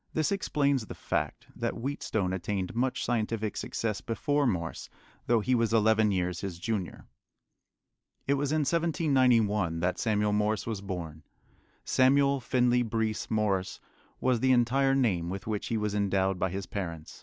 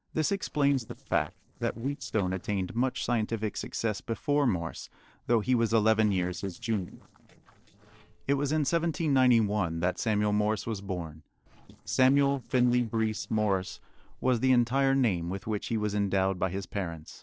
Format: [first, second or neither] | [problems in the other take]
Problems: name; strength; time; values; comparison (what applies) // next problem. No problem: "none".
first | noise reduction (neural separator model SepFormer DNS4)